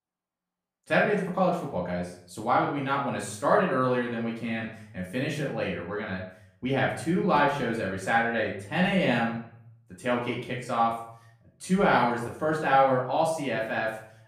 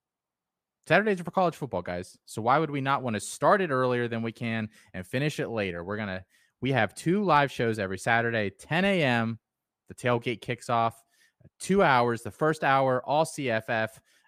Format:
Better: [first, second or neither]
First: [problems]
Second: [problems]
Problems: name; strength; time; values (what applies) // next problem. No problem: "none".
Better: second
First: off-mic speech; far // room echo; noticeable; dies away in 0.5 s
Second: none